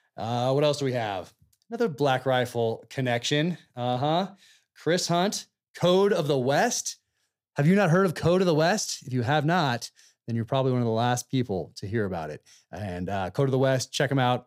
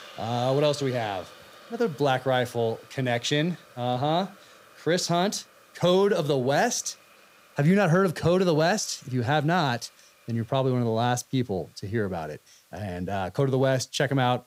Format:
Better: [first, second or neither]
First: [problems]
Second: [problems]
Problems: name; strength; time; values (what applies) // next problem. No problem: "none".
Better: first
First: none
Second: hiss; faint; throughout; 25 dB below the speech